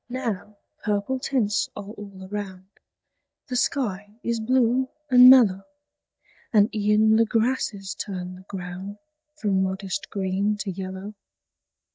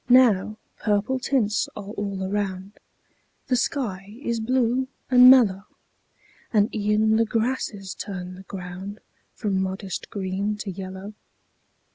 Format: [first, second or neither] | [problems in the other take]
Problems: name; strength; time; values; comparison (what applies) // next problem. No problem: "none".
second | noise reduction (neural mask model DeepFilterNet 3)